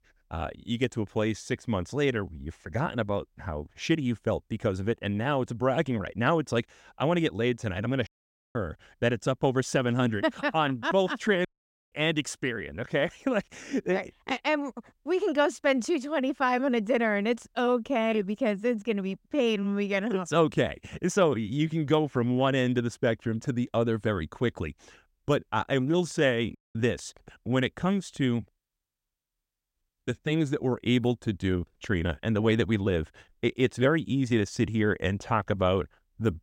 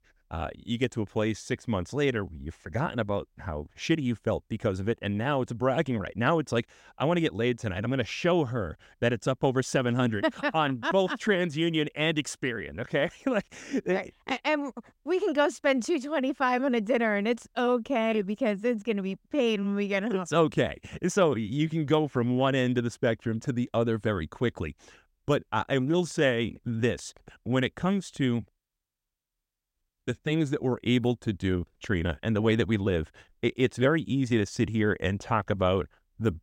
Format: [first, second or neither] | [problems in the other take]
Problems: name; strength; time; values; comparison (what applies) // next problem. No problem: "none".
second | audio cutting out; at 8 s, at 11 s and at 27 s